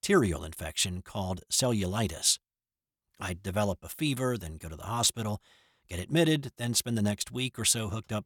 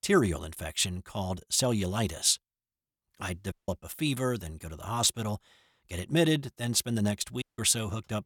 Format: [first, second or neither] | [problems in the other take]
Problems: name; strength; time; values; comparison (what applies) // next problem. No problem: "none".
first | audio cutting out; at 3.5 s and at 7.5 s